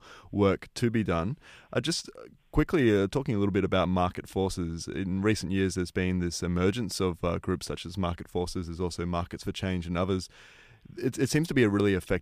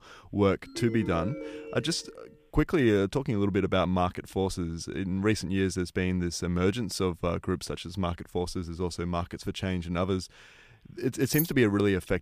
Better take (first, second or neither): first